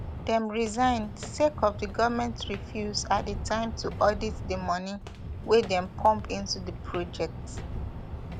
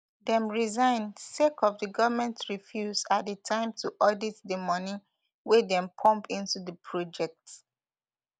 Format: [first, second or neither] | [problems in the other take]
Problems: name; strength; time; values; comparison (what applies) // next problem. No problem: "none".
second | background sound (Walk, footsteps); 8 dB below the speech